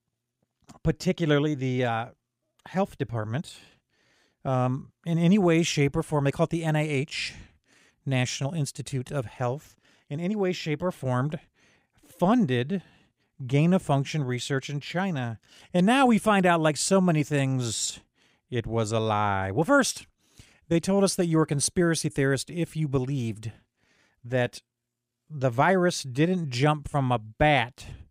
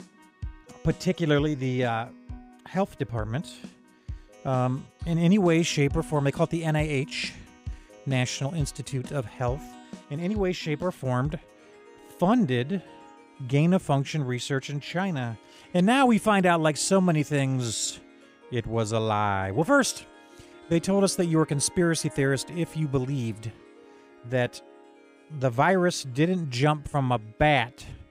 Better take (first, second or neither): first